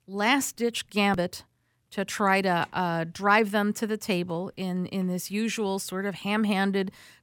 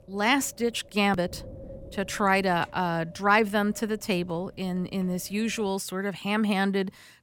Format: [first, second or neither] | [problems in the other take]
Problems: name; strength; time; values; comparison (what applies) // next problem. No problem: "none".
first | wind noise on the microphone; occasional gusts; until 5.5 s; 25 dB below the speech